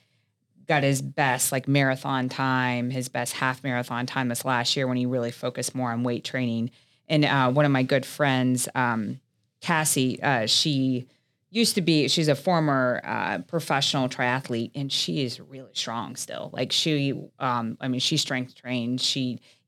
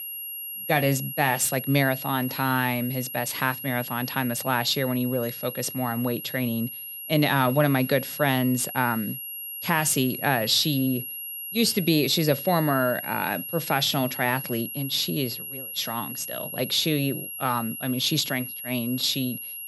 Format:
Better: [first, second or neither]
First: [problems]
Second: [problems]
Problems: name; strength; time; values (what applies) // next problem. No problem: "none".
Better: first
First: none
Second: high-pitched whine; loud; throughout; 11.5 kHz, 8 dB below the speech